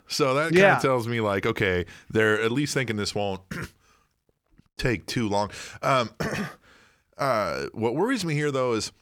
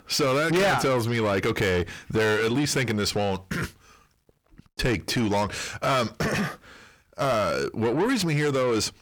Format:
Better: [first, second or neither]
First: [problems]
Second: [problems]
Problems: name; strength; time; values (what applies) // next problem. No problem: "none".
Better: first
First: none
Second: distortion; heavy; 7 dB below the speech